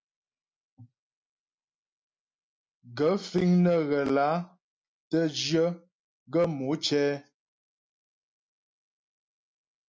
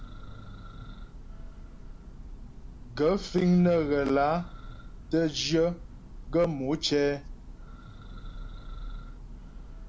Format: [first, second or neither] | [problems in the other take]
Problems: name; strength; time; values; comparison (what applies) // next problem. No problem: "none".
first | background sound (Church bell); 12 dB below the speech